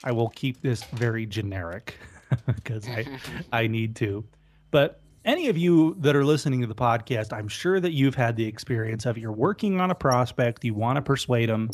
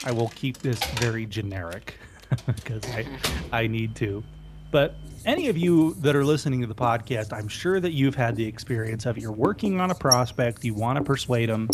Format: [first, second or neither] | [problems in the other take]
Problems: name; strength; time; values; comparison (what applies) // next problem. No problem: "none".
first | household noises; loud; throughout; 7 dB below the speech; faint in the first